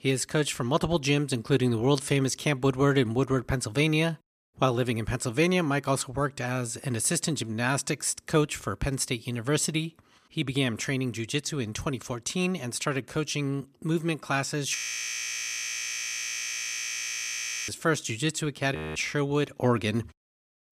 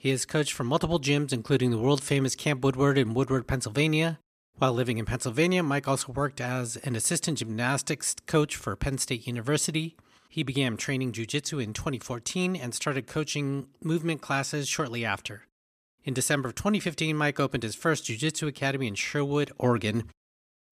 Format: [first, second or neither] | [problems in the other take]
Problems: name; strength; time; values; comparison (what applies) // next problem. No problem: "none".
second | audio freezing; at 15 s for 3 s and at 19 s